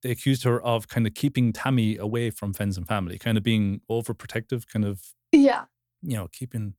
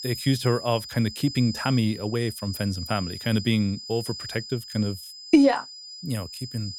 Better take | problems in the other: first | high-pitched whine; noticeable; throughout; 5 kHz, 10 dB below the speech

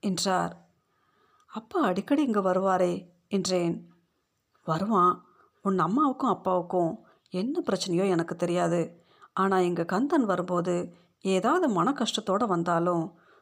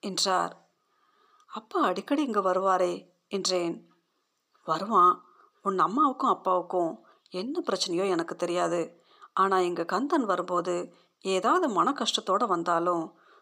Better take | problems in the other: first | thin; very slightly; fading below 300 Hz

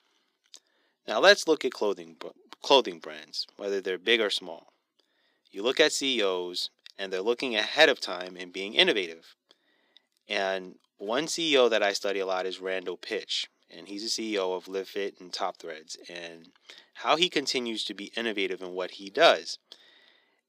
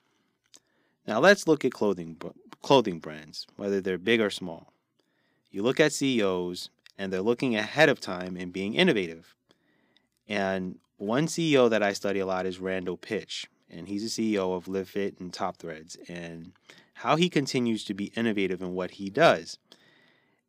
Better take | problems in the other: second | thin; somewhat; fading below 450 Hz

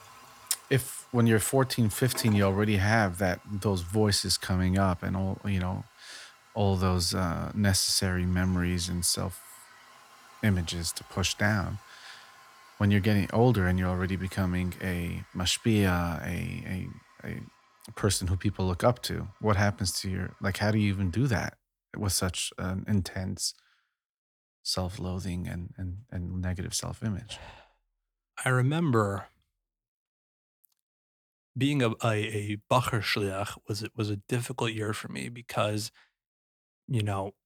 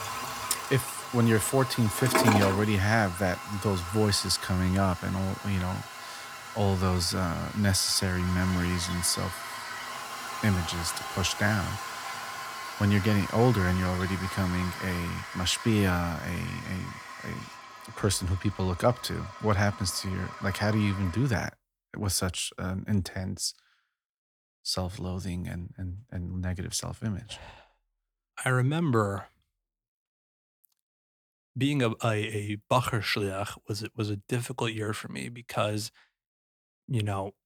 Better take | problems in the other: first | household noises; loud; until 21 s; 8 dB below the speech; faint in the first

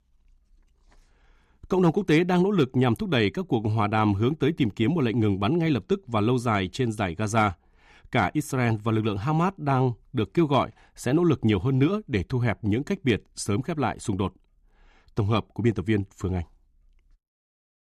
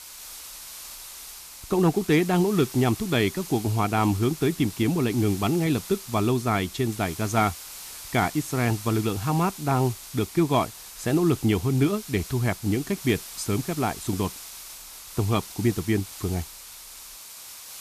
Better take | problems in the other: first | hiss; noticeable; throughout; 15 dB below the speech

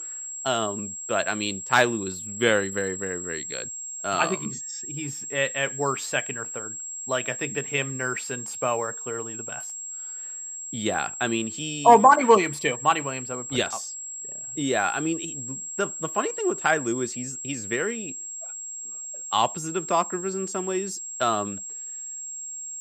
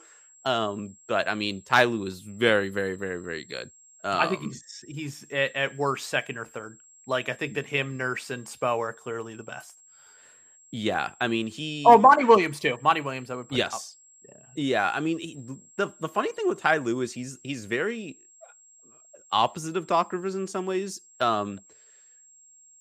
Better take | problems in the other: second | high-pitched whine; loud; throughout; 7.5 kHz, 7 dB below the speech; faint in the second

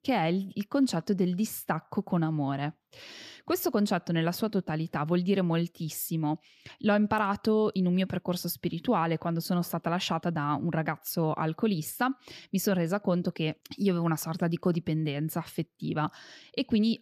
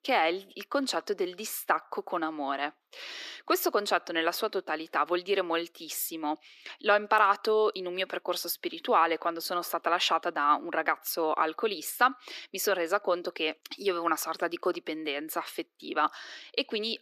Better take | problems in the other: first | thin; very; fading below 350 Hz

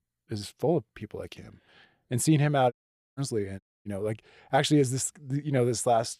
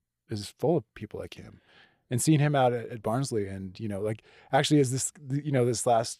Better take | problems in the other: second | audio cutting out; at 2.5 s and at 3.5 s

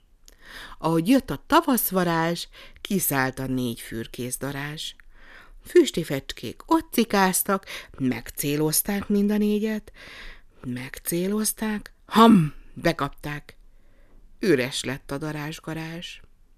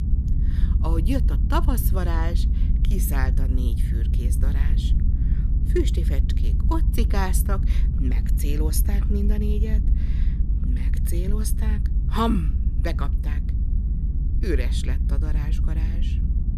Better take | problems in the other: first | low rumble; loud; throughout; 8 dB below the speech

